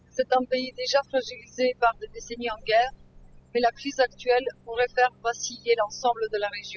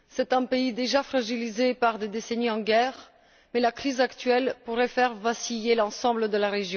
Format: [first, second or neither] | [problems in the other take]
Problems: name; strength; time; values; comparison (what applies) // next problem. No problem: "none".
second | noise reduction (classical method spectral subtraction)